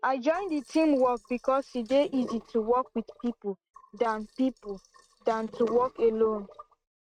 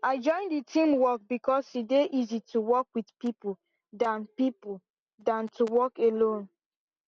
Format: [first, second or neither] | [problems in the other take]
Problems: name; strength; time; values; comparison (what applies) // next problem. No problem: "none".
second | noise reduction (neural mask model RNNoise)